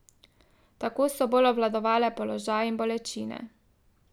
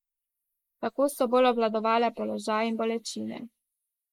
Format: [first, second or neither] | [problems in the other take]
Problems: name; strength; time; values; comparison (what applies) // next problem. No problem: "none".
first | noise reduction (neural mask model Resemble Enhance denoiser)